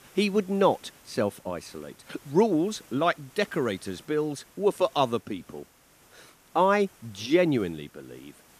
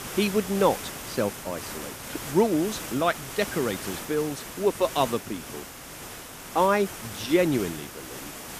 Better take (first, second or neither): first